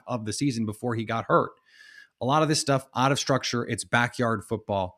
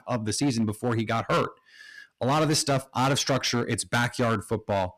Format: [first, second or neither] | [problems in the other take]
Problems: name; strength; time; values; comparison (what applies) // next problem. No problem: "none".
first | distortion; heavy; 11% of the sound clipped